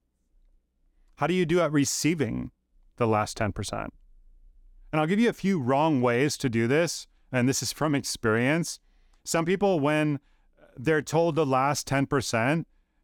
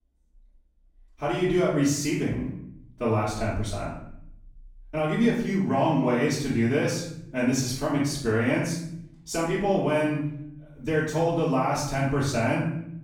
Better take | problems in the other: first | off-mic speech; far // room echo; noticeable; dies away in 0.7 s

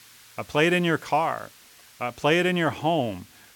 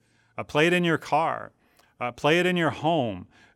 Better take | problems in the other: second | hiss; faint; throughout; 25 dB below the speech

